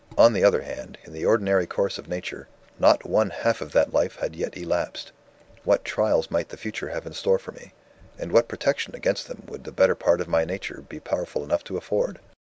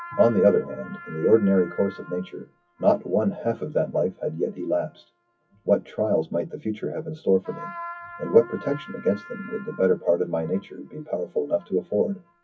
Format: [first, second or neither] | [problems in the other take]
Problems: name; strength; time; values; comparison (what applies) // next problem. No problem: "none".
first | noise reduction (classical method WPE with log-MMSE)